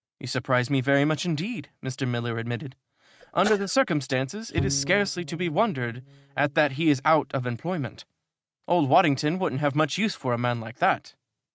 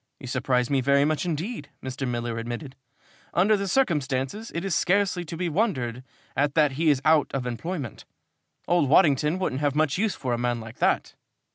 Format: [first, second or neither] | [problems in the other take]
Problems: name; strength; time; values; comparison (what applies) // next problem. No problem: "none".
second | noise reduction (neural mask model RNNoise)